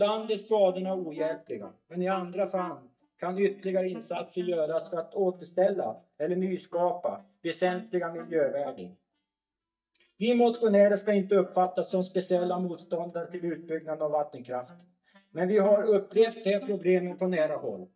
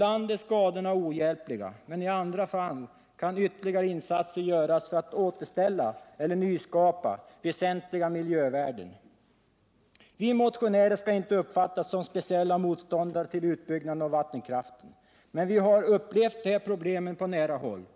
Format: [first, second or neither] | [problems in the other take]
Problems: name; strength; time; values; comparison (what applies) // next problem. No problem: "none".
second | noise reduction (neural mask model DeepFilterNet 3)